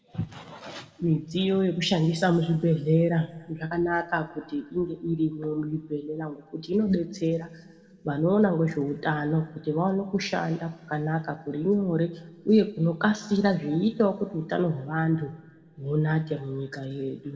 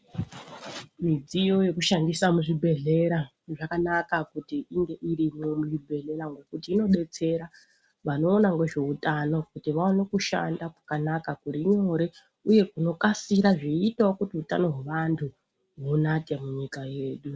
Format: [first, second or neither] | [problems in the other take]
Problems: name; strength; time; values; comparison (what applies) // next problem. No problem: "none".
second | room echo; dies away in 1.5 s